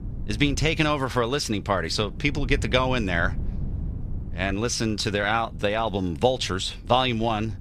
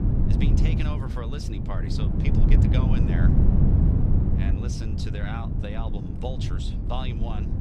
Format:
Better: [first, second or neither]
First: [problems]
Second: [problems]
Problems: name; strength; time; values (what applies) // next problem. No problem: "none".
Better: first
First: wind noise on the microphone; occasional gusts; 25 dB below the speech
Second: wind noise on the microphone; heavy; 2 dB above the speech